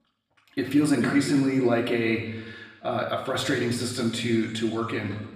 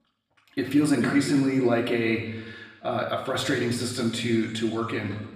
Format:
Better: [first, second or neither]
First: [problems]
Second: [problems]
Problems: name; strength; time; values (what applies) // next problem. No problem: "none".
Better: neither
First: room echo; noticeable; dies away in 1.1 s // off-mic speech; far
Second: room echo; noticeable; dies away in 1.1 s // off-mic speech; far